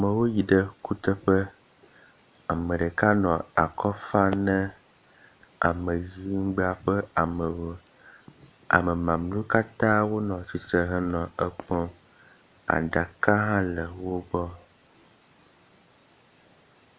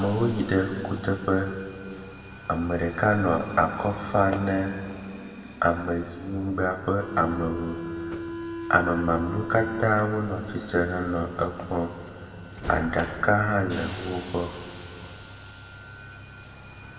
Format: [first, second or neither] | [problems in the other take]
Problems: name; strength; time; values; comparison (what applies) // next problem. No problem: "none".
first | background sound (Subway, metro, underground); 12 dB below the speech // room echo; dies away in 2.1 s